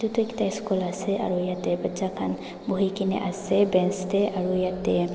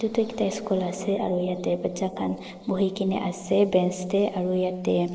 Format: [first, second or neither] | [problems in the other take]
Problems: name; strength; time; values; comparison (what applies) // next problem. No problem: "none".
first | noise reduction (neural mask model Resemble Enhance denoiser)